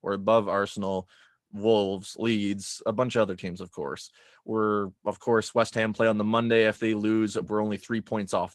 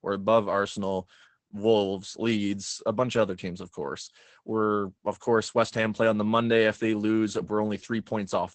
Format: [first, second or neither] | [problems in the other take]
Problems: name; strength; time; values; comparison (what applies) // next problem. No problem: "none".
first | garbled, watery; badly; nothing above 8 kHz; slightly in the first